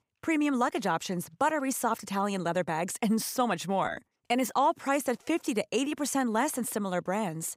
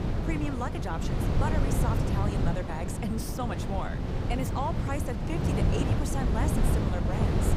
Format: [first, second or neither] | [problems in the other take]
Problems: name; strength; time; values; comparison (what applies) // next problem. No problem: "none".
first | wind noise on the microphone; heavy; as loud as the speech